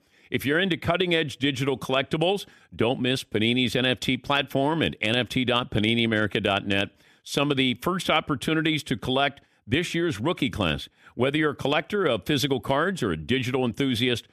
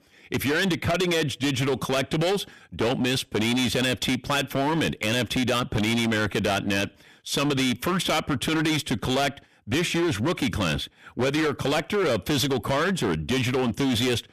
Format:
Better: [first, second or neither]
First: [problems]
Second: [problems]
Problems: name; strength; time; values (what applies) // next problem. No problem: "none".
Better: first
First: none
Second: distortion; heavy; 22% of the sound clipped